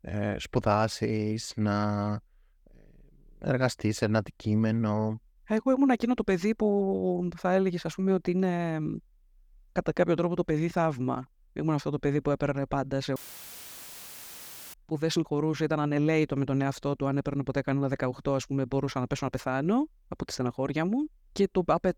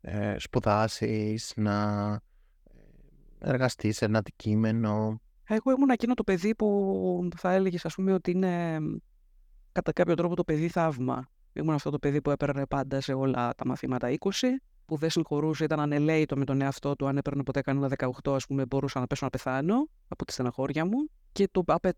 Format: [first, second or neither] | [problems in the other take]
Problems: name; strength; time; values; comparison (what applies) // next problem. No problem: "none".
second | audio cutting out; filled with static; at 13 s for 1.5 s